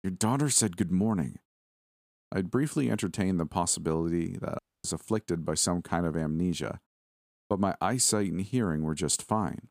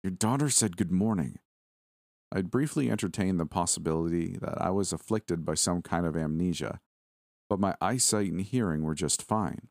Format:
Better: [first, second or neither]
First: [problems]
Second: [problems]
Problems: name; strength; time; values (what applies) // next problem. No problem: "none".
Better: second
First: audio cutting out; at 4.5 s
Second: none